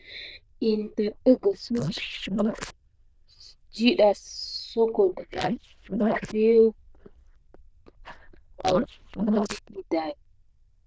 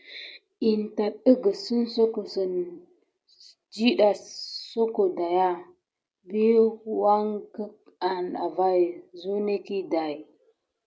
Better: second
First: noise reduction (neural diffusion model UNIVERSE++)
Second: none

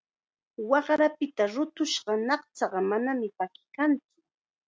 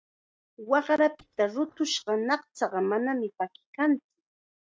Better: first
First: none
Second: noise reduction (neural mask model DeepFilterNet 3)

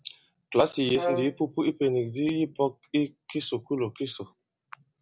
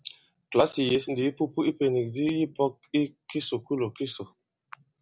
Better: second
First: background sound (Brass instrument); 5 dB below the speech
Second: none

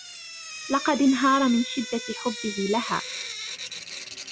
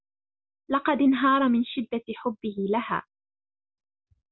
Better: second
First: background sound (Drip / Sink (filling or washing)); 10 dB below the speech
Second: none

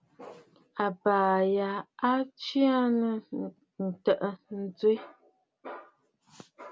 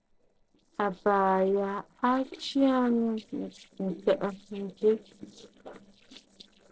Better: first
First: none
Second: noise reduction (neural separator model SepFormer DNS4)

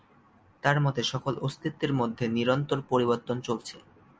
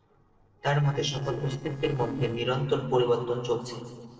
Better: first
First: none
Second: noise reduction (neural separator model SepFormer DNS4)

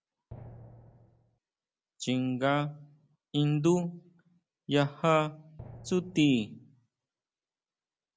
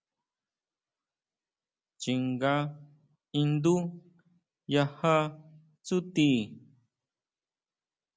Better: second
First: background sound (Drum); 18 dB below the speech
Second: none

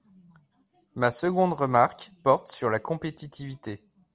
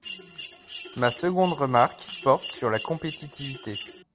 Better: first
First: none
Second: background sound (Coin (dropping) + Mechanisms); 14 dB below the speech

